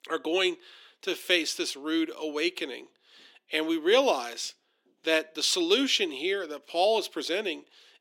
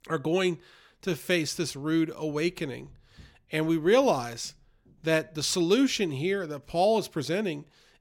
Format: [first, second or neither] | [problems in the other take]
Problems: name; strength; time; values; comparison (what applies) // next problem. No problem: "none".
second | thin; very slightly; fading below 300 Hz